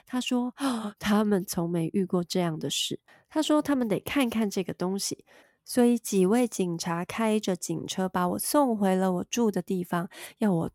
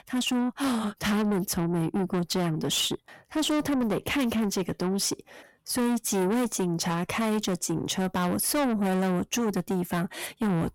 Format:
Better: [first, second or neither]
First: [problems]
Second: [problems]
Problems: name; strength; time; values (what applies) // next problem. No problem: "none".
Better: first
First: none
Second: distortion; heavy; 6 dB below the speech